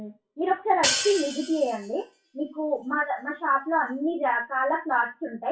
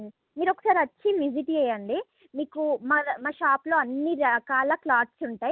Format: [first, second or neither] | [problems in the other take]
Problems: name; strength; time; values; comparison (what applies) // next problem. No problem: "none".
second | noise reduction (classical method WPE with log-MMSE)